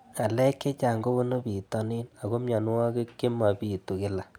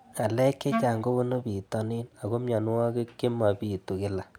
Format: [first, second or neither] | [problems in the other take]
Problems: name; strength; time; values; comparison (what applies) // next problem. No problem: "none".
first | background sound (Wind instrument, woodwind instrument); 5 dB below the speech